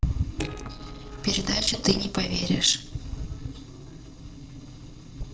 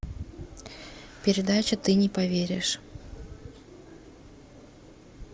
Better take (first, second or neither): second